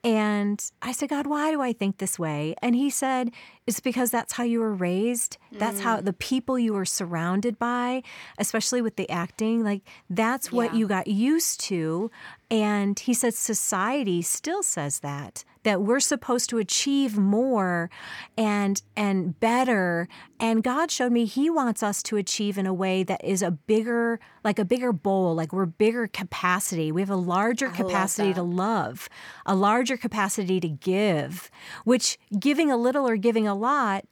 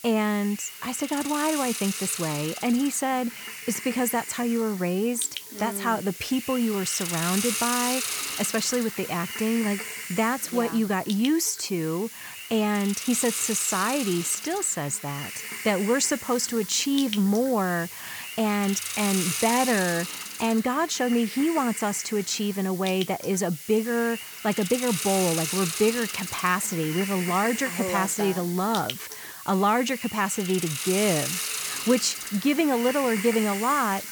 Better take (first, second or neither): first